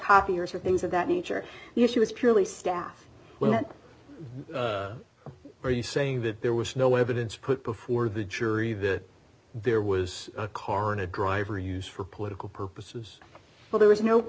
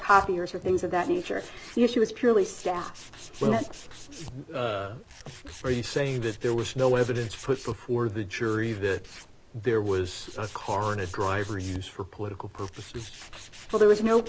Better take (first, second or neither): first